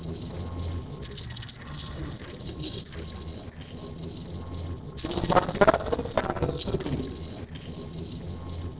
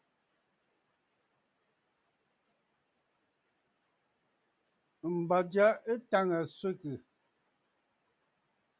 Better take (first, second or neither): second